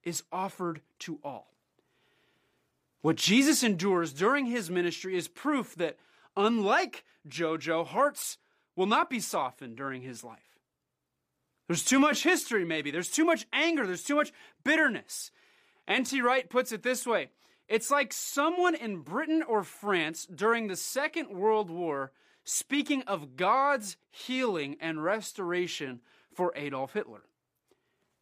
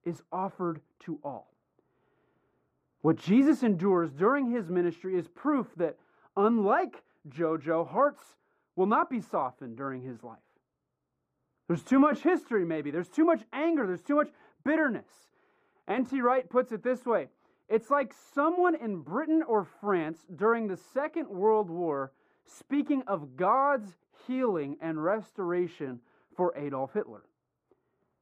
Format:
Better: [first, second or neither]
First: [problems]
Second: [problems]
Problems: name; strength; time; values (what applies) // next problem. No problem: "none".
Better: first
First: none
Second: muffled; very; fading above 2 kHz